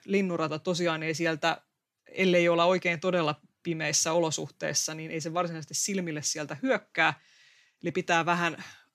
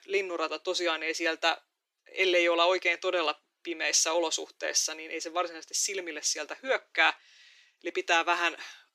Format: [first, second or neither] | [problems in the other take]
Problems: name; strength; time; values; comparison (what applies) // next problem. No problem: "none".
first | thin; very; fading below 350 Hz